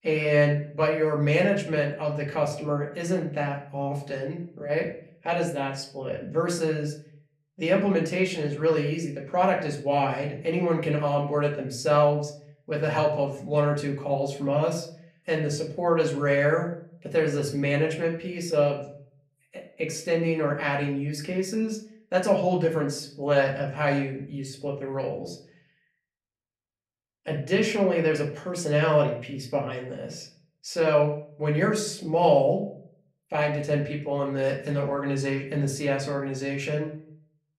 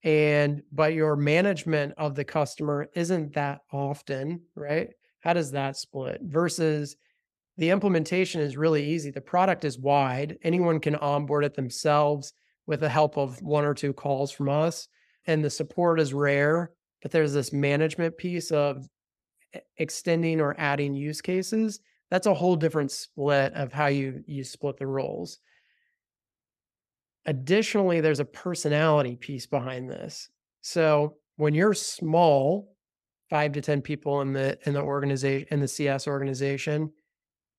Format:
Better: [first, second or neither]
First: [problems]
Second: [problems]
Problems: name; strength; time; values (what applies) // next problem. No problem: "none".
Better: second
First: room echo; slight; dies away in 0.4 s // off-mic speech; far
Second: none